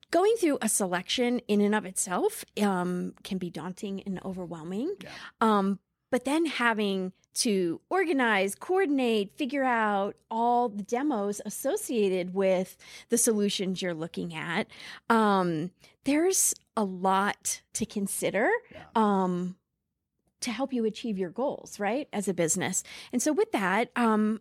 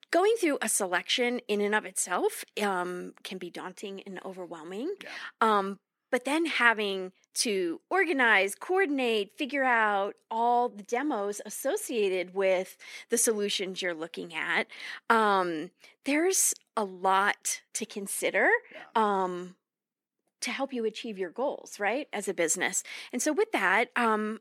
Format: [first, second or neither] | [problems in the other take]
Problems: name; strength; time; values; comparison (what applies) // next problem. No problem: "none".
first | thin; somewhat; fading below 250 Hz